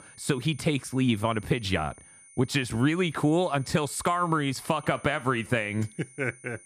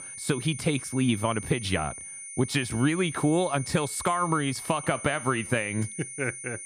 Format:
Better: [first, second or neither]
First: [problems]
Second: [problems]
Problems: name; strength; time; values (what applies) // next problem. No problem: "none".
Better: first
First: high-pitched whine; faint; throughout; 9.5 kHz, 25 dB below the speech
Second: high-pitched whine; loud; throughout; 9.5 kHz, 10 dB below the speech